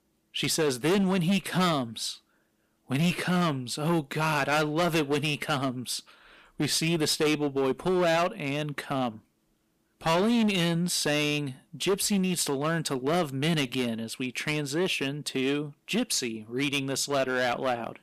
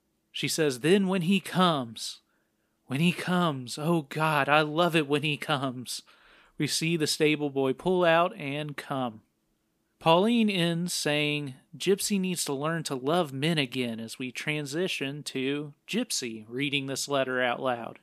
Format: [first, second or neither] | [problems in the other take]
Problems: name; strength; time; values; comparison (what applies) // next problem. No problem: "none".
second | distortion; heavy; 10% of the sound clipped